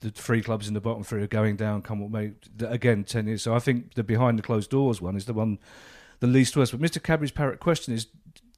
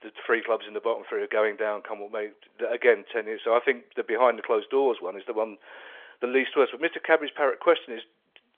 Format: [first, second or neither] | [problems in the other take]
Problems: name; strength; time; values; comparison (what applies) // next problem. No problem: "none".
first | phone-call audio; nothing above 3.5 kHz